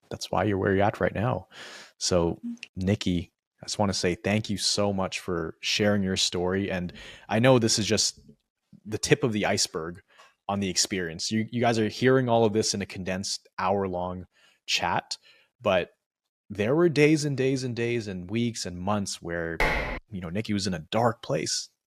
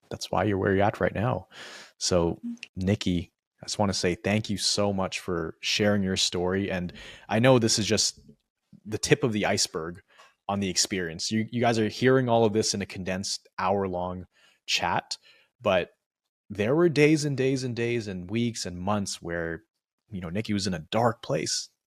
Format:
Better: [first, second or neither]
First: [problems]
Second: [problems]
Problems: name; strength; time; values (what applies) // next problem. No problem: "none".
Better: second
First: clattering dishes; loud; at 20 s; peak level with the speech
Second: none